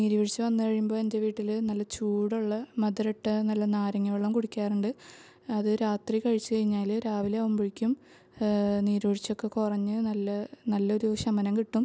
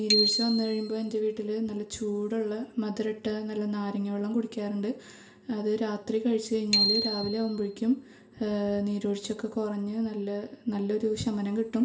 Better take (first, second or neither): first